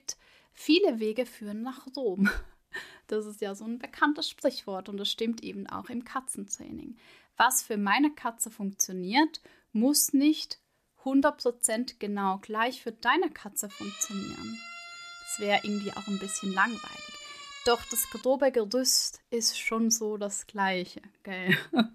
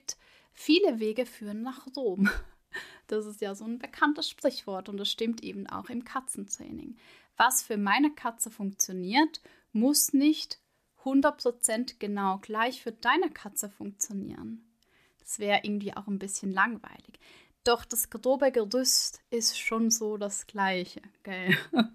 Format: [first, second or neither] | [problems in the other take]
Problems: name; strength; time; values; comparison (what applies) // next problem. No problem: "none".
second | siren; faint; from 14 to 18 s; peak 10 dB below the speech